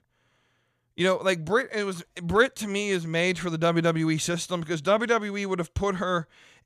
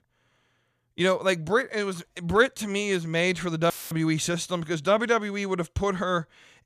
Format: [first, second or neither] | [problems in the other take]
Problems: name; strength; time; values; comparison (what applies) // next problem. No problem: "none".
first | audio cutting out; filled with static; at 3.5 s